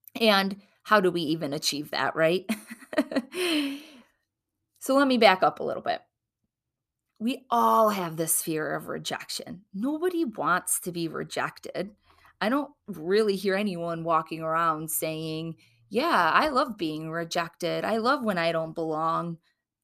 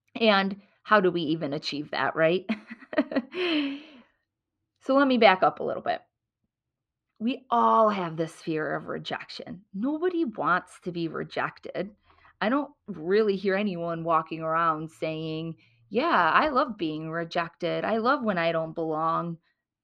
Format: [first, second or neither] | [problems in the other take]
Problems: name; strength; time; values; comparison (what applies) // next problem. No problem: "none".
first | muffled; very slightly; fading above 3.5 kHz